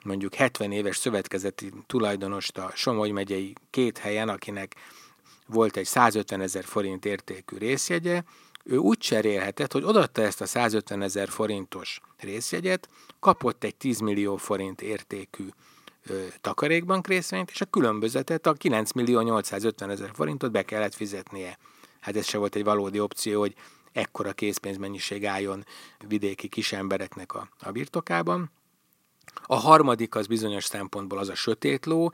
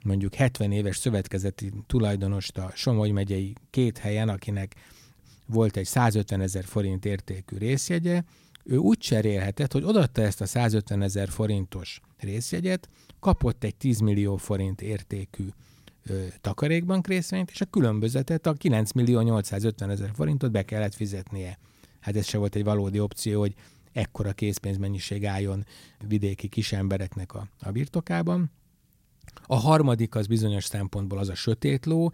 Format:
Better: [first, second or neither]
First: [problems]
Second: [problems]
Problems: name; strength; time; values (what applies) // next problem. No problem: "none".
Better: second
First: thin; somewhat; fading below 300 Hz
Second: none